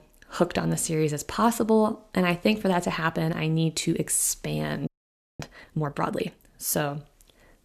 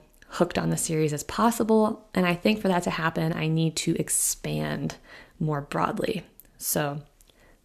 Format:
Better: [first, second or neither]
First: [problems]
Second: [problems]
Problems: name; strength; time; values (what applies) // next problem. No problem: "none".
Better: second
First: audio freezing; at 5 s for 0.5 s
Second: none